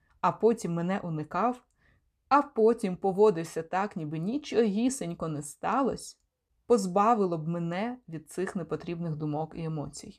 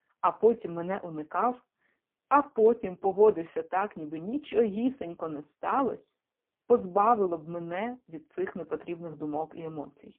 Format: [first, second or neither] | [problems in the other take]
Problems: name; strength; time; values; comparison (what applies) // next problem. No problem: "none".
first | phone-call audio; poor line